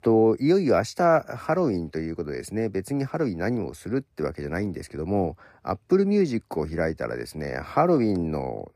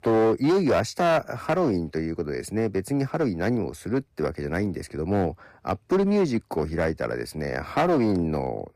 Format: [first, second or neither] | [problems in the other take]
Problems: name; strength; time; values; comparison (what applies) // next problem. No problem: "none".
first | distortion; slight; 7% of the sound clipped